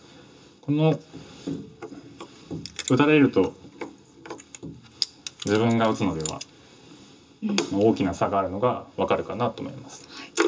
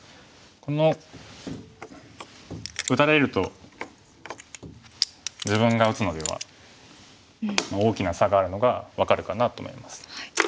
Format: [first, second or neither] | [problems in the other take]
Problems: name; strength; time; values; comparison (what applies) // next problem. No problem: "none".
second | room echo; dies away in 0.2 s